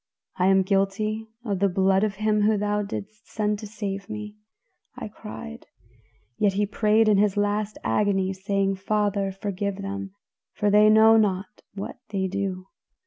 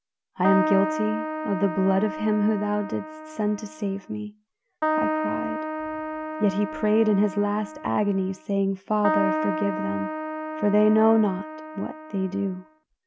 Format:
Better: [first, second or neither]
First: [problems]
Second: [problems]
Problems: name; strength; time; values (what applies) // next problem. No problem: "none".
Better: first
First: none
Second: background sound (Keyboard (musical)); 5 dB below the speech